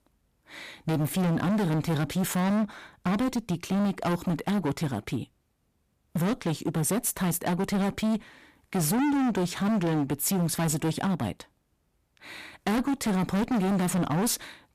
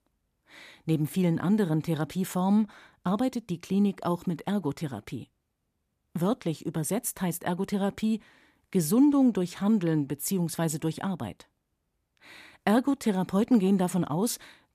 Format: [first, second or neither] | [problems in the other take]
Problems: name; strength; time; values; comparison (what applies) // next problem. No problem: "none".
second | distortion; heavy; 24% of the sound clipped